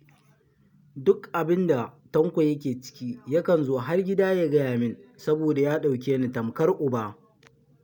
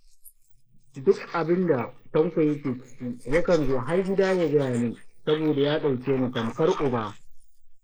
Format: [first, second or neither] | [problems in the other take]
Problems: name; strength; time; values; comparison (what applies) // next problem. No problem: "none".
first | noise reduction (neural mask model Resemble Enhance denoiser)